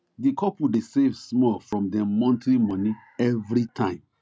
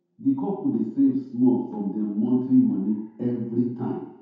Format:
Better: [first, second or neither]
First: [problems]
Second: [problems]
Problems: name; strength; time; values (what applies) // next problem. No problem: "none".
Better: first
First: none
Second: room echo; dies away in 0.8 s